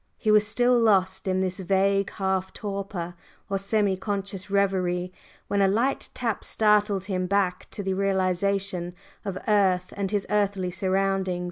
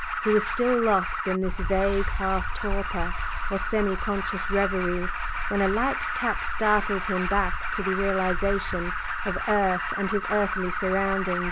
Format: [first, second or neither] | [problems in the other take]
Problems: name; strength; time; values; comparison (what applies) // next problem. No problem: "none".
first | background sound (Alarm); 1 dB below the speech